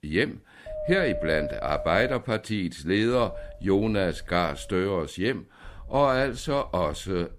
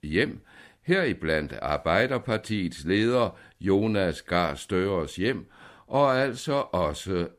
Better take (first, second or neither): second